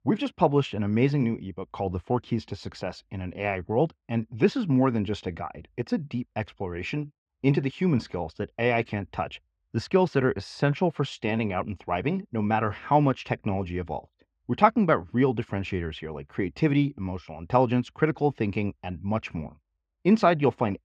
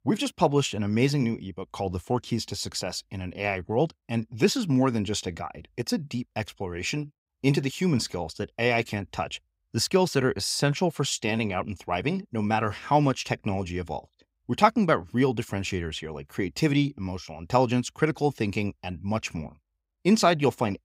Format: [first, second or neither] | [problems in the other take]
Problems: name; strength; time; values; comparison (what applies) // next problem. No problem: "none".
second | muffled; slightly; fading above 2.5 kHz